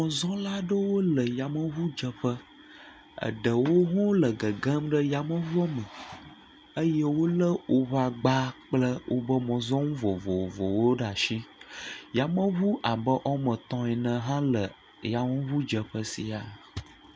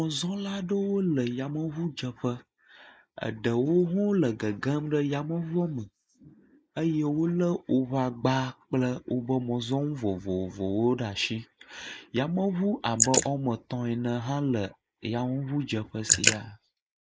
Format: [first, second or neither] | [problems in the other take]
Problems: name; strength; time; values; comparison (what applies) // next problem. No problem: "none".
first | noise reduction (neural mask model Resemble Enhance denoiser)